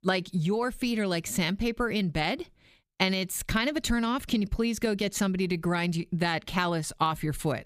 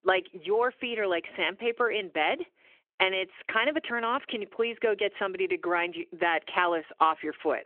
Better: first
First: none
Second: phone-call audio; nothing above 3 kHz

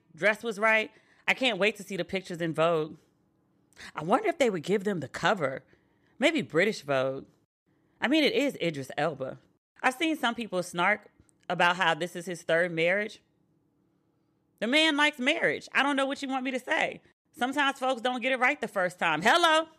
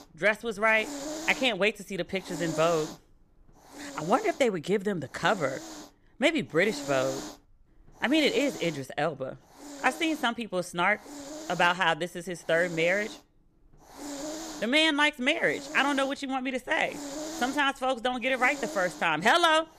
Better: first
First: none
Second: hiss; noticeable; throughout; 15 dB below the speech

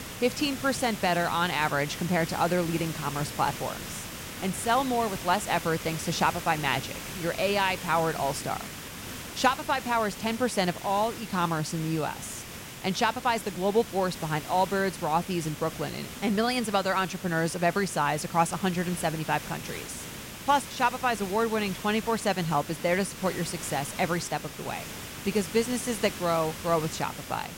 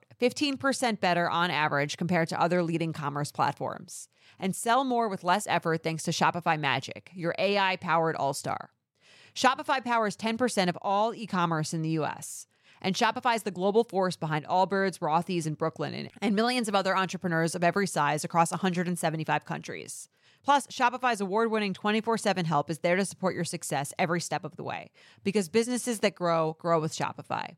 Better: second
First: hiss; loud; throughout; 10 dB below the speech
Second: none

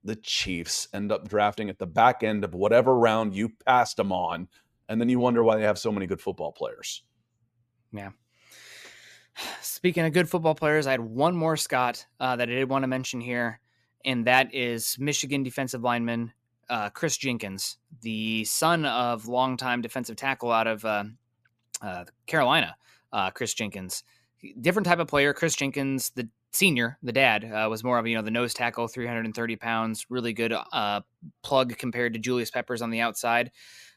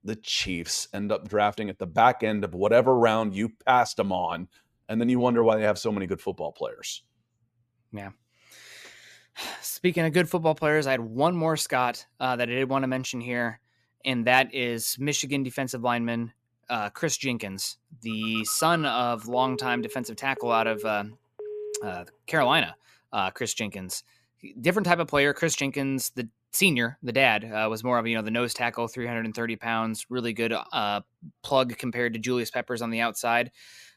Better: first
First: none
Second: phone ringing; noticeable; from 18 to 23 s; peak 10 dB below the speech

